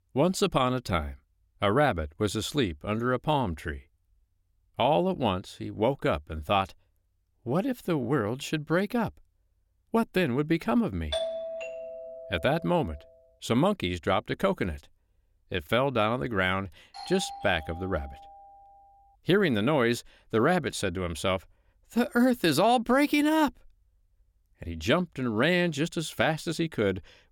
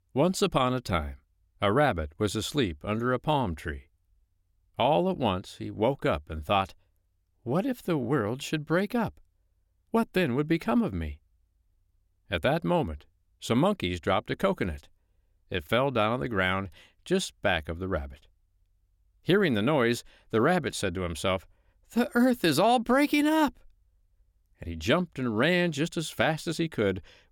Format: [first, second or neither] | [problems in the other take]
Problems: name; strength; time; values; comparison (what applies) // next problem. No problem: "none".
second | doorbell; noticeable; from 11 to 13 s; peak 4 dB below the speech // doorbell; faint; from 17 to 19 s; peak 10 dB below the speech